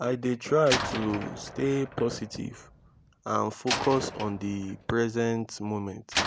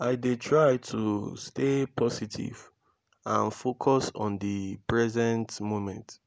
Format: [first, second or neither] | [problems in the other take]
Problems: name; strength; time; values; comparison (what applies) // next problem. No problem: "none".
second | background sound (Slam); 8 dB below the speech